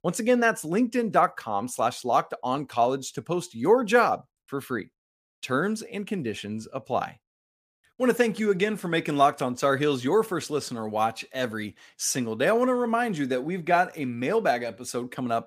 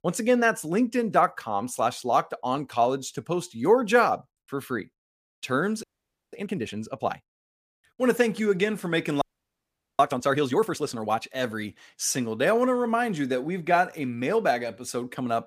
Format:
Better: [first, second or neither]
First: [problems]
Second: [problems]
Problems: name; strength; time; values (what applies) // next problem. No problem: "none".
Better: first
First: none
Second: audio freezing; at 6 s for 0.5 s and at 9 s for 1 s